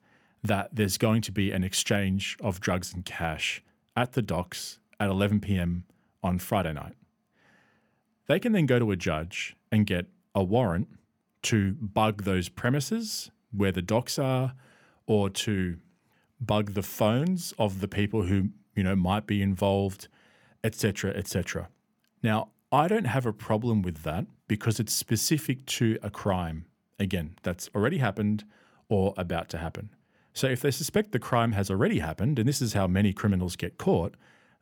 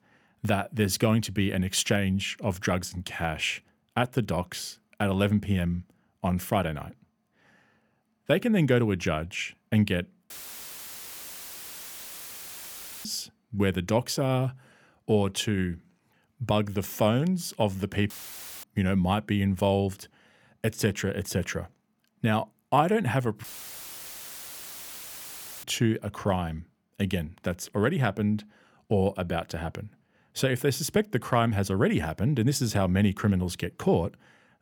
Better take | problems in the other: first | audio cutting out; filled with static; at 10 s for 3 s, at 18 s for 0.5 s and at 23 s for 2 s

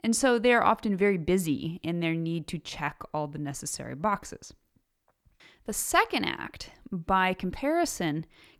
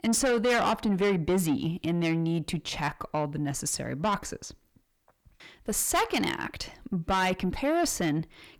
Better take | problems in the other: first | distortion; heavy; 7 dB below the speech

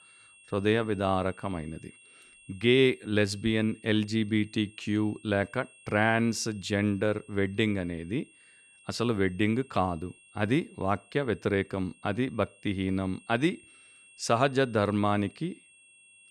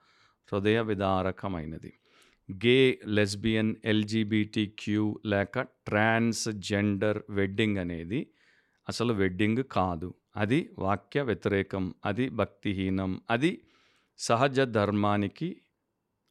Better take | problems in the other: second | high-pitched whine; faint; throughout; 2.5 kHz, 25 dB below the speech

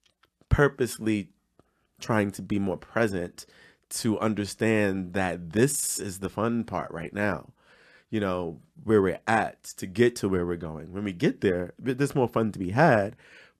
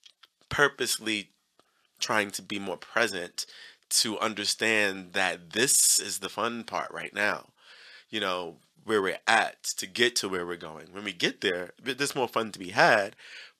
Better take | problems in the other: first | thin; somewhat; fading below 1 kHz

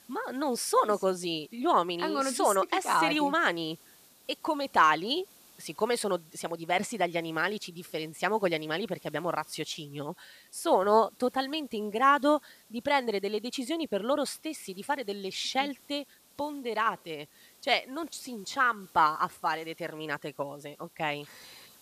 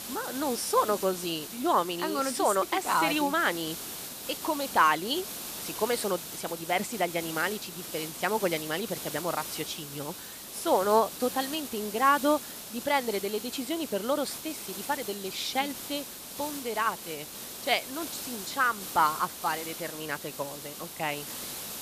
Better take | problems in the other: first | hiss; loud; throughout; 8 dB below the speech; faint in the first

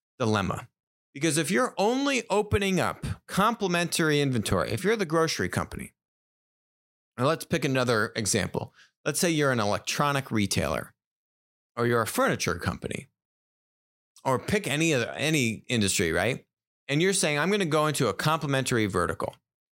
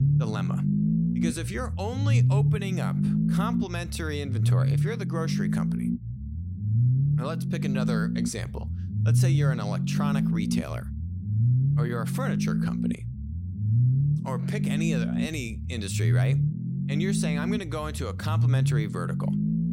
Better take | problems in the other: first | low rumble; loud; throughout; 1 dB below the speech

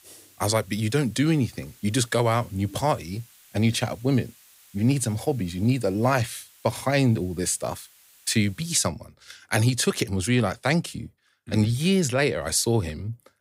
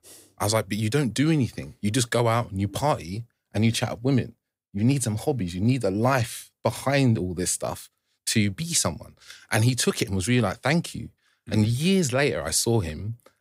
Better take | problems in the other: second | hiss; faint; until 9 s; 25 dB below the speech

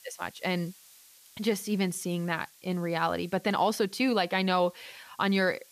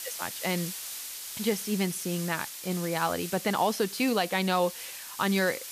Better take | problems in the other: first | hiss; loud; throughout; 8 dB below the speech; faint in the first

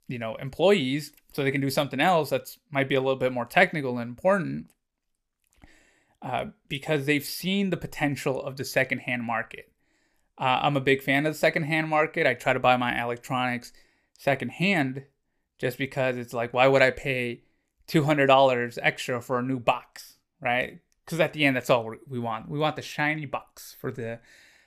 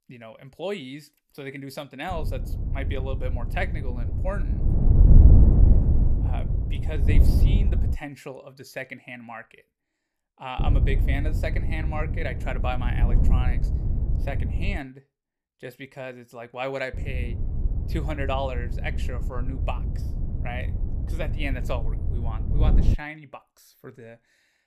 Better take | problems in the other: first | wind noise on the microphone; heavy; from 2 to 8 s, from 11 to 15 s and from 17 to 23 s; 5 dB below the speech

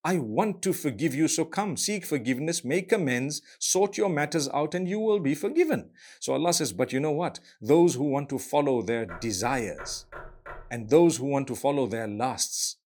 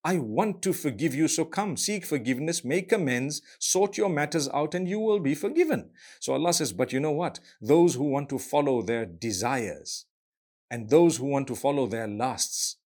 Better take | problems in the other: second | door banging; faint; from 9 to 11 s; peak 15 dB below the speech

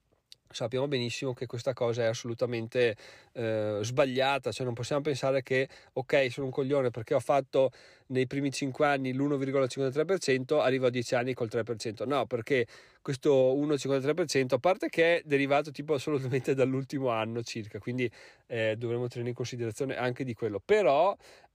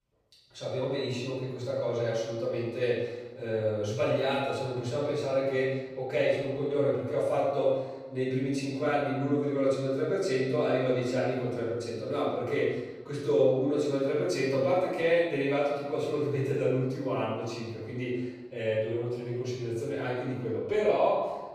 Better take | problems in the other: first | off-mic speech; far // room echo; strong; dies away in 1.2 s

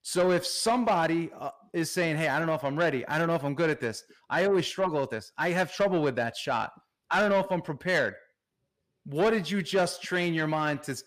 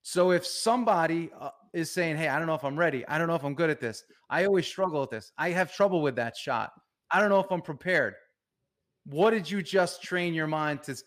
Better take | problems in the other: second | distortion; slight; 10 dB below the speech

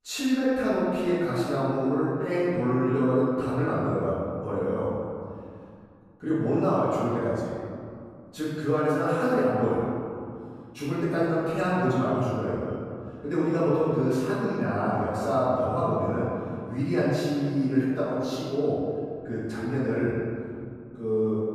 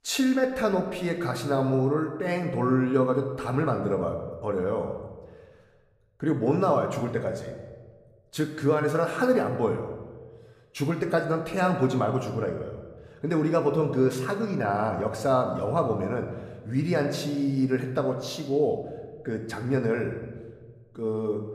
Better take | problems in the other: second | room echo; strong; dies away in 2.4 s; slight in the second // off-mic speech; far

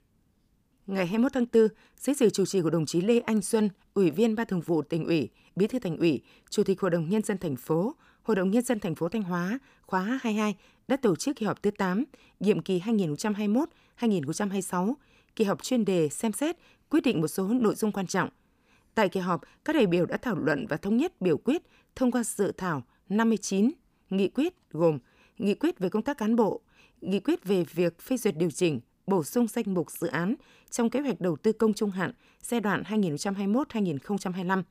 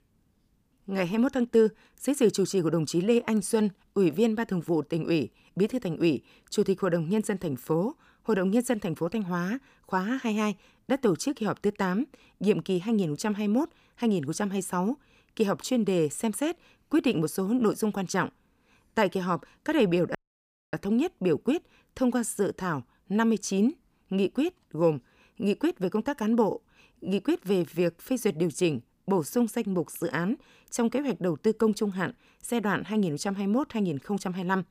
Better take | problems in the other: first | audio cutting out; at 20 s for 0.5 s

